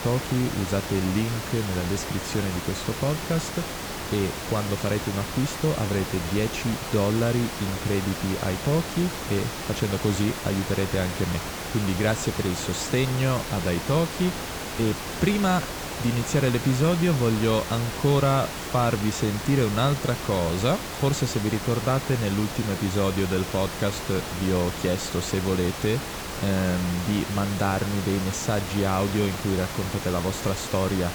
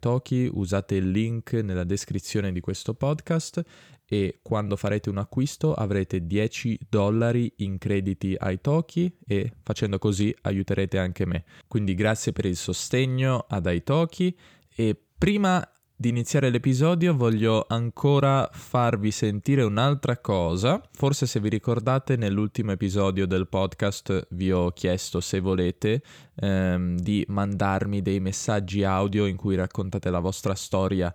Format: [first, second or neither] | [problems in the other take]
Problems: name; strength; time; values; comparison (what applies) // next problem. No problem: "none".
second | hiss; loud; throughout; 6 dB below the speech